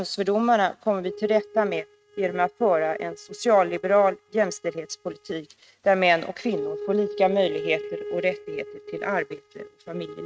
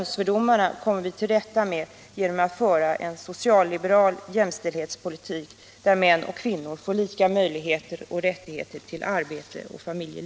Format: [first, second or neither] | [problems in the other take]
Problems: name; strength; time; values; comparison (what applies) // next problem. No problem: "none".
second | noise reduction (neural mask model RNNoise)